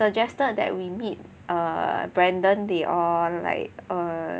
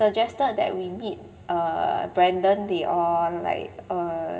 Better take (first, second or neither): first